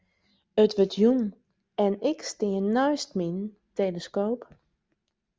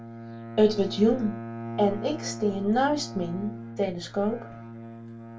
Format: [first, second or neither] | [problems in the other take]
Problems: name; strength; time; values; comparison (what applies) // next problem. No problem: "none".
first | background sound (Bowed string instrument); 11 dB below the speech // room echo; dies away in 0.2 s